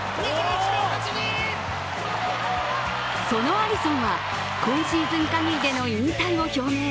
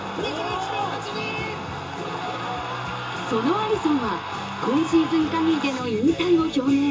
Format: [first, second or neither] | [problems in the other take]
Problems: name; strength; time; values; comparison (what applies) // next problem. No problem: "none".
first | room echo; dies away in 0.2 s